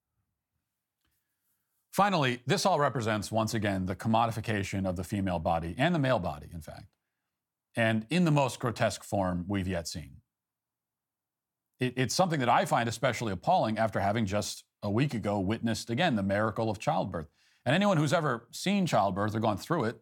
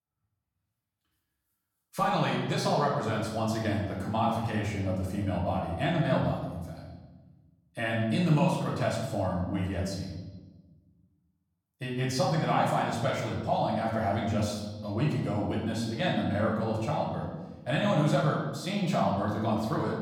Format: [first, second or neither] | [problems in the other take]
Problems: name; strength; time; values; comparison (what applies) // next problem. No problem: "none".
first | off-mic speech; far // room echo; noticeable; dies away in 1.2 s